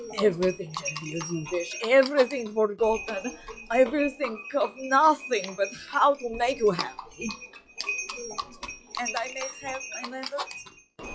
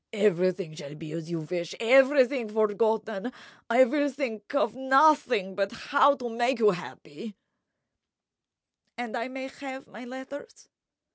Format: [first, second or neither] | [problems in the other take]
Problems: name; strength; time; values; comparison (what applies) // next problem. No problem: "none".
second | noise reduction (classical method log-MMSE)